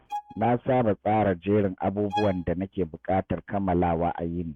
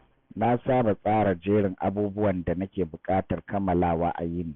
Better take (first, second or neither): second